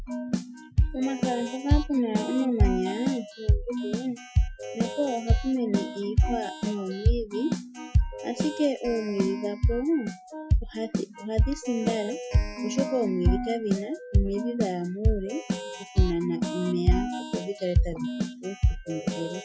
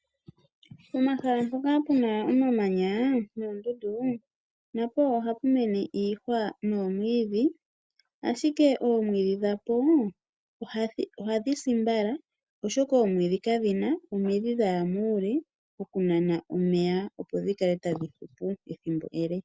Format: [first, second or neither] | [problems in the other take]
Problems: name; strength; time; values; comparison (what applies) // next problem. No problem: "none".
second | noise reduction (classical method Wiener filter)